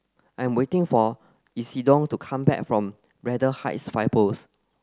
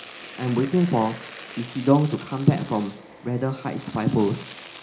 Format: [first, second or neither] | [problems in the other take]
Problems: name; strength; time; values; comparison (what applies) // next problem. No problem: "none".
first | background sound (Domestic sounds, home sounds); 17 dB below the speech // room echo; dies away in 0.4 s